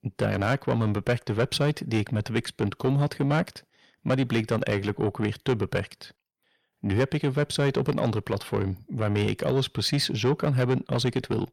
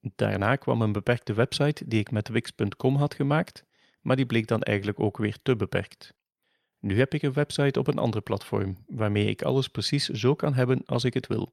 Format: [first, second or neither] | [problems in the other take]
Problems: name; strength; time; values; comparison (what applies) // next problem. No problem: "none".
second | distortion; slight; 10 dB below the speech